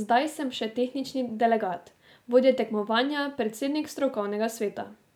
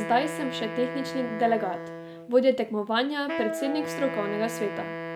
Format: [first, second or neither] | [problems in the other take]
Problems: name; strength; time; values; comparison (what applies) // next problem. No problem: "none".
first | background sound (Wind instrument, woodwind instrument); 7 dB below the speech